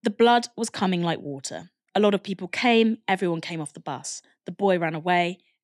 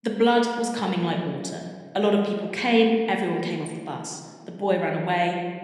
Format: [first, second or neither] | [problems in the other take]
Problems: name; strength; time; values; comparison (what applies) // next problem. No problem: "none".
first | room echo; slight; dies away in 1.4 s